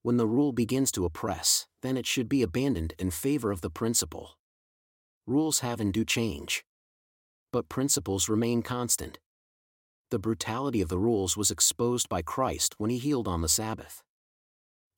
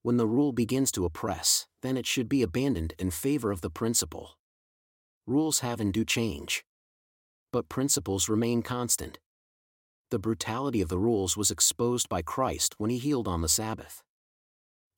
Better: neither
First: none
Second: none

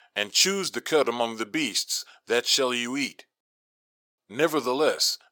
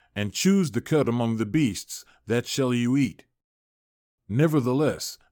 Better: second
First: thin; very; fading below 600 Hz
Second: none

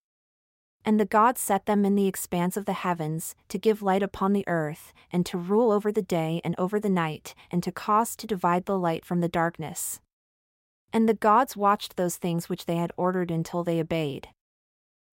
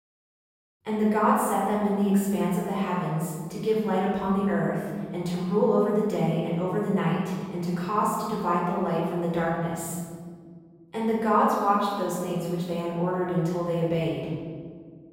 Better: first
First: none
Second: off-mic speech; far // room echo; strong; dies away in 1.8 s

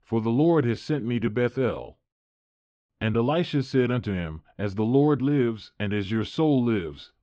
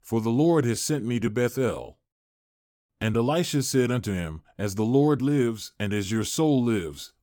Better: second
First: muffled; slightly; fading above 3.5 kHz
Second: none

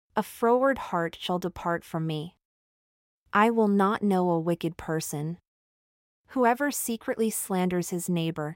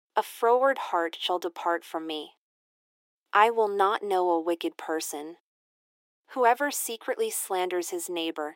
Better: first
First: none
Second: thin; very; fading below 300 Hz

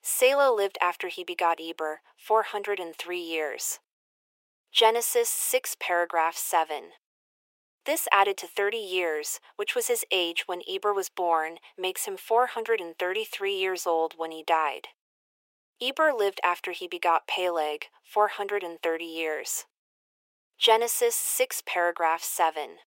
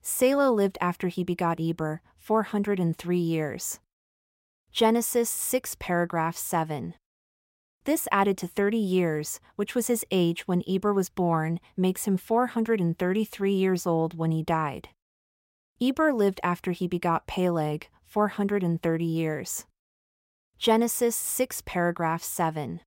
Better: second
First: thin; very; fading below 400 Hz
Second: none

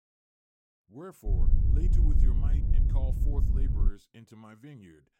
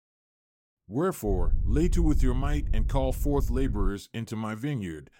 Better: second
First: wind noise on the microphone; heavy; from 1.5 to 4 s; 3 dB above the speech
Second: wind noise on the microphone; occasional gusts; from 1.5 to 4 s; 15 dB below the speech

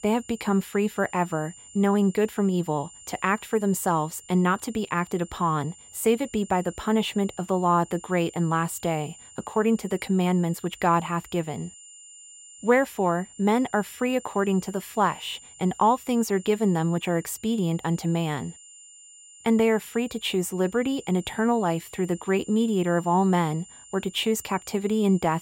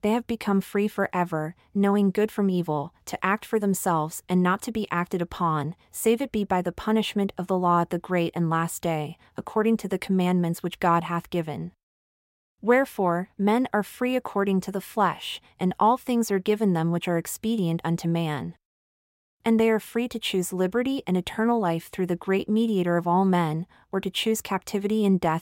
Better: second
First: high-pitched whine; noticeable; throughout; 7 kHz, 20 dB below the speech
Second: none

